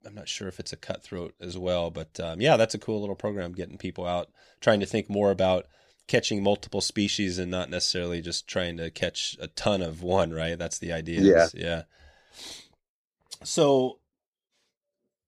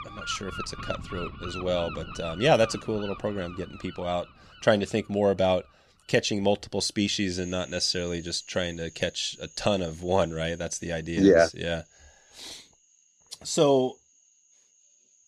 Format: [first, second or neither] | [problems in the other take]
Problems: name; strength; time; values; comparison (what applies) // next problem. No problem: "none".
first | animal sounds; noticeable; throughout; 15 dB below the speech